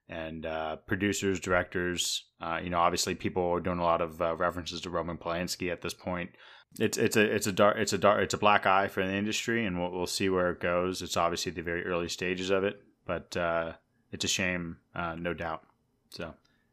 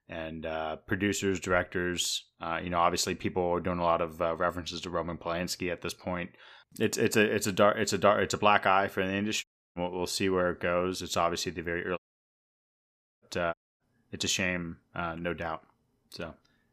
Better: first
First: none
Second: audio cutting out; at 9.5 s, at 12 s for 1 s and at 14 s

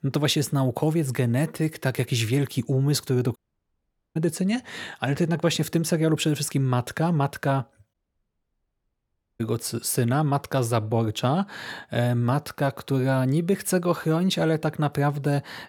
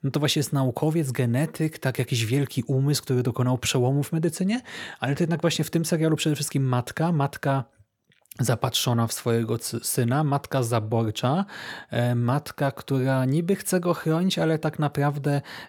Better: second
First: audio cutting out; at 3.5 s for 1 s and at 8 s for 1.5 s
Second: none

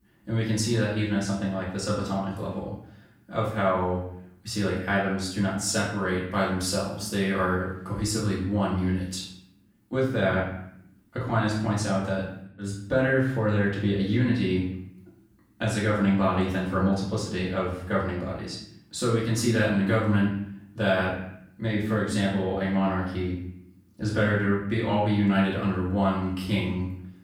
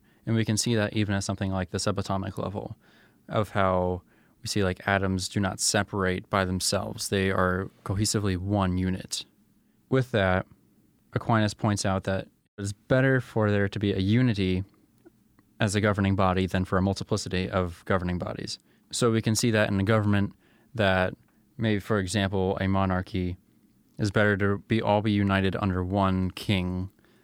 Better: second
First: off-mic speech; far // room echo; noticeable; dies away in 0.6 s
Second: none

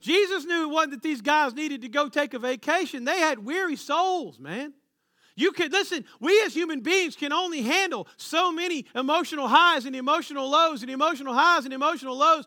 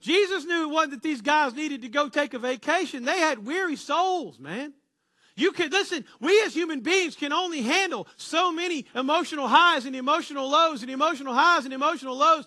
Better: first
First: none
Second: garbled, watery; slightly; nothing above 11.5 kHz

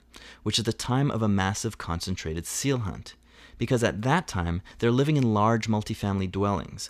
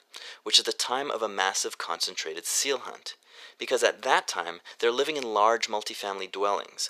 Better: first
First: none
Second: thin; very; fading below 450 Hz

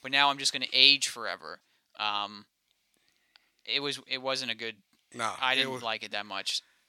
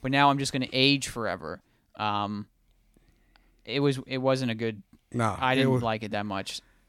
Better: second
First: thin; somewhat; fading below 1 kHz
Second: none

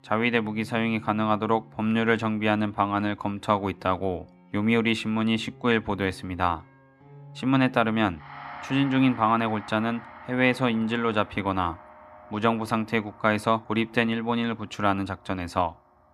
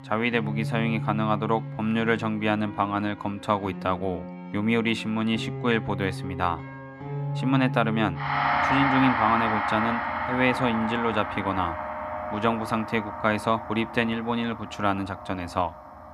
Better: first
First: background music; faint; throughout; 20 dB below the speech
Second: background music; loud; throughout; 4 dB below the speech

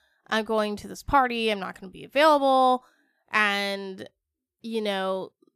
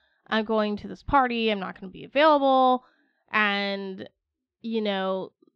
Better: first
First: none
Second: muffled; very slightly; fading above 4 kHz

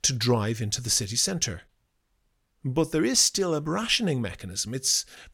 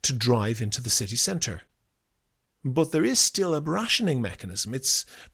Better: first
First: none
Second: garbled, watery; slightly; nothing above 17.5 kHz

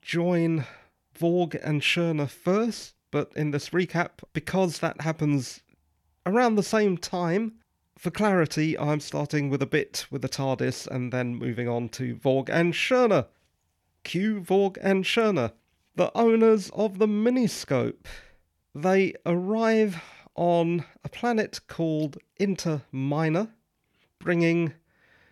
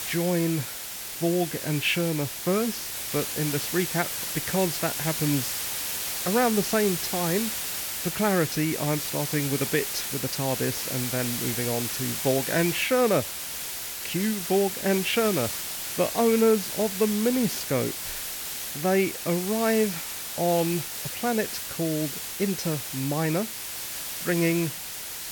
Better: first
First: none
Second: hiss; loud; throughout; 3 dB below the speech

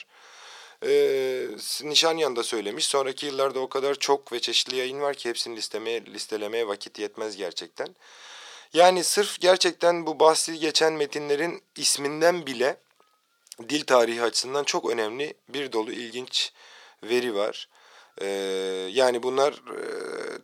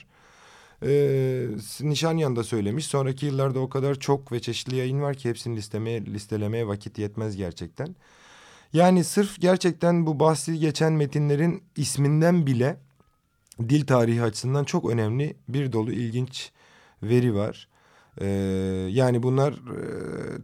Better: second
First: thin; very; fading below 400 Hz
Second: none

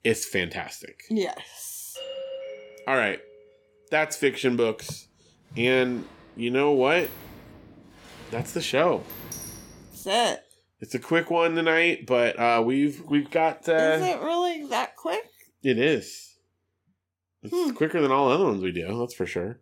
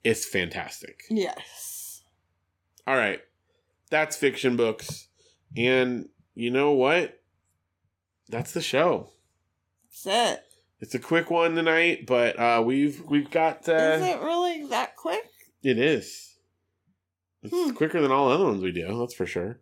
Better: second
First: doorbell; faint; from 2 to 3.5 s; peak 10 dB below the speech // door banging; faint; from 5.5 to 10 s; peak 10 dB below the speech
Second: none

